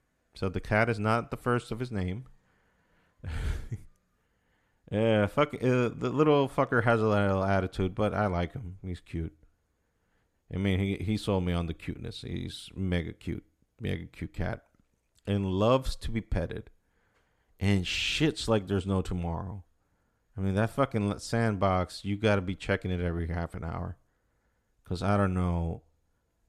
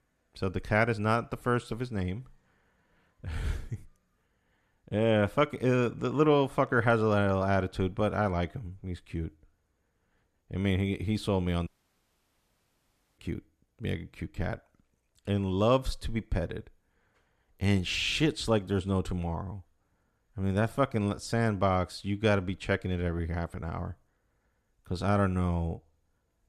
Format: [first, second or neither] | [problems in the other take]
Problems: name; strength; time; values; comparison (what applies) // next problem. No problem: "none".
first | audio cutting out; at 12 s for 1.5 s